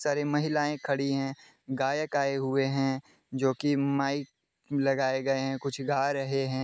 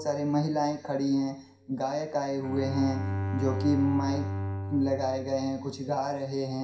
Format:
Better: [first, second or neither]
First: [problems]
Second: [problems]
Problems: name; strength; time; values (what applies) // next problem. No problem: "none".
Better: first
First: none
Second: background sound (Bowed string instrument); 7 dB below the speech // room echo; dies away in 0.5 s